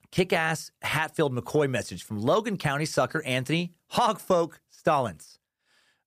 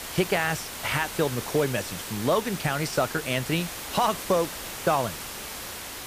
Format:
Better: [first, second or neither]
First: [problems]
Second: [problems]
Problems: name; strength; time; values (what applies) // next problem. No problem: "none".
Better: first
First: none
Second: hiss; loud; throughout; 7 dB below the speech